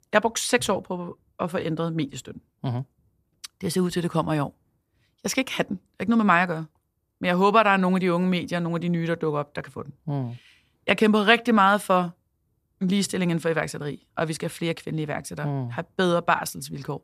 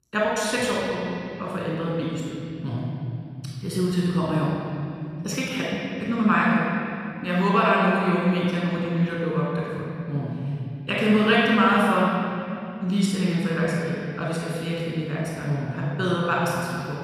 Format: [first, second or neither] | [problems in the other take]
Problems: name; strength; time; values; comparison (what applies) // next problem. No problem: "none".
first | off-mic speech; far // room echo; strong; dies away in 3 s